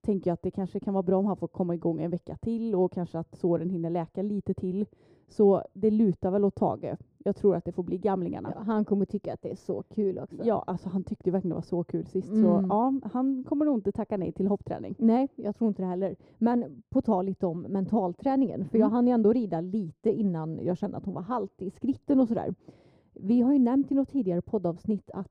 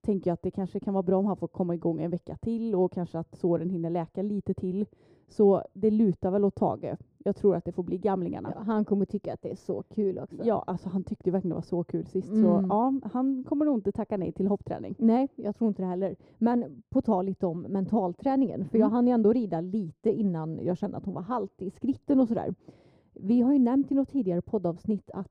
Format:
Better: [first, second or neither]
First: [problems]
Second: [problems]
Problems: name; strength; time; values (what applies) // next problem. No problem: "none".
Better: neither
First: muffled; very; fading above 1.5 kHz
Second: muffled; very; fading above 1.5 kHz